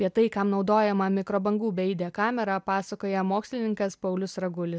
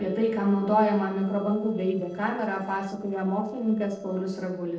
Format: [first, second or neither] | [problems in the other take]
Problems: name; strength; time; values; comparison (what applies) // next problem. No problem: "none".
first | noise reduction (neural separator model SepFormer DNS4)